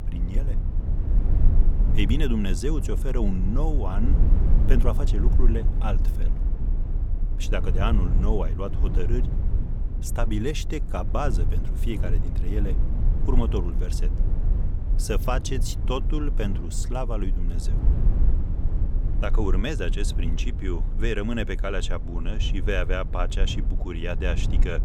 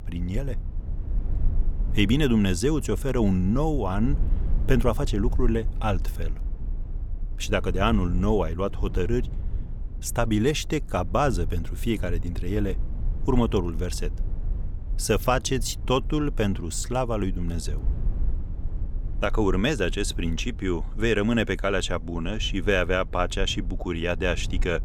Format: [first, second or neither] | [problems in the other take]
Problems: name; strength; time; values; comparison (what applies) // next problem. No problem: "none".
second | low rumble; loud; throughout; 10 dB below the speech; faint in the second